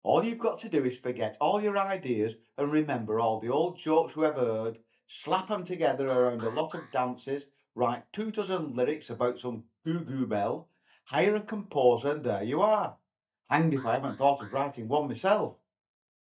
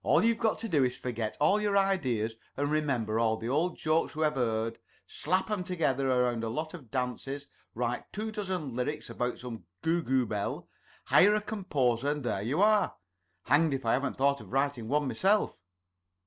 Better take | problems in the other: second | noise reduction (neural mask model DeepFilterNet 3)

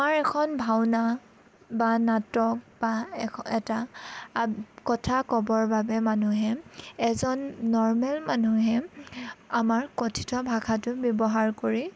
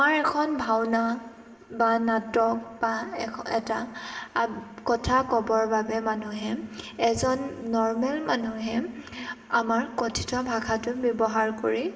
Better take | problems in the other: first | room echo; dies away in 2.2 s

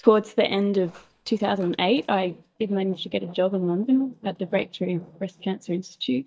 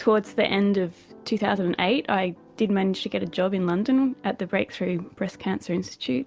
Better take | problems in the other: second | noise reduction (neural mask model DeepFilterNet 3)

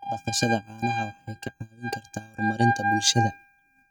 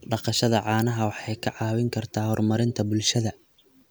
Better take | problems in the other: second | noise reduction (neural mask model RNNoise)

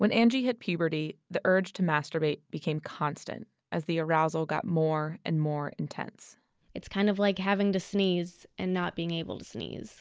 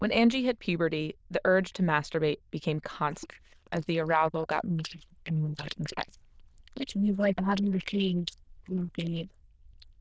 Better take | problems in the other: first | noise reduction (neural diffusion model UNIVERSE++)

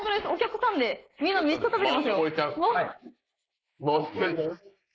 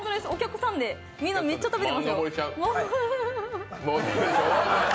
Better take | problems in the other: second | noise reduction (neural mask model Resemble Enhance denoiser)

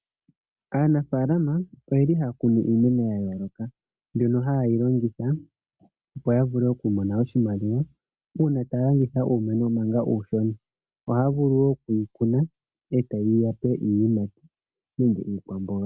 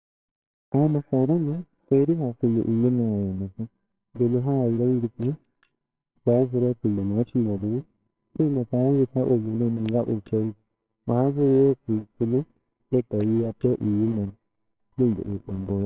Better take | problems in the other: first | noise reduction (neural separator model SepFormer WHAMR!)

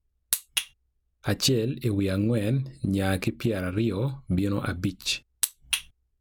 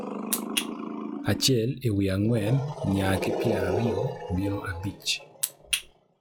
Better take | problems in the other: first | noise reduction (classical method log-MMSE)

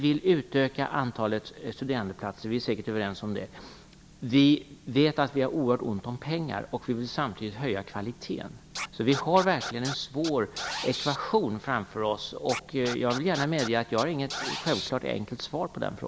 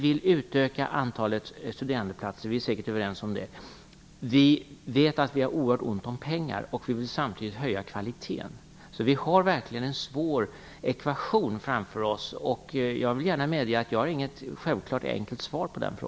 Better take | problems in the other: second | background sound (Scratching (performance technique)); 9 dB below the speech

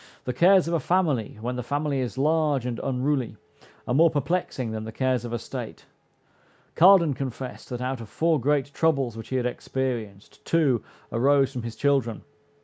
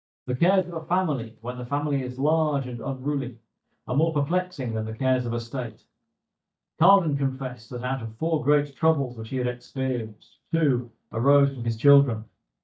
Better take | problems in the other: first | noise reduction (neural mask model DeepFilterNet 3)

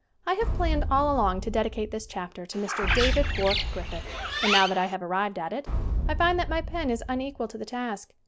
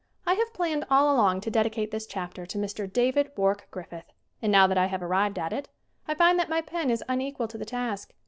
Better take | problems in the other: second | background sound (Bird + Boom); 1 dB below the speech

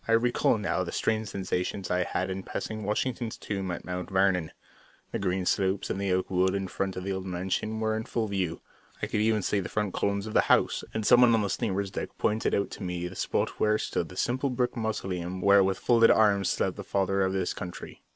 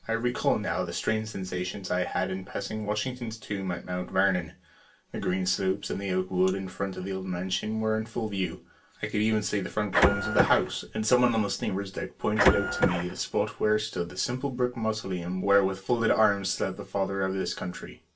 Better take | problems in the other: first | background sound (Printer); 2 dB above the speech // room echo; dies away in 0.2 s

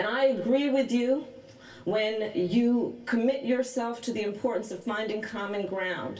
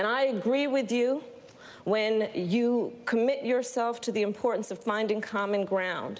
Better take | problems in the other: second | room echo; dies away in 0.2 s

